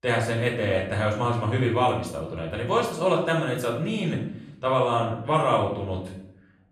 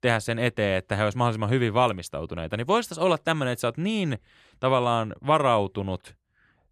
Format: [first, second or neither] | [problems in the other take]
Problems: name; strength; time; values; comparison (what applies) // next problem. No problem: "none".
second | off-mic speech; far // room echo; noticeable; dies away in 0.6 s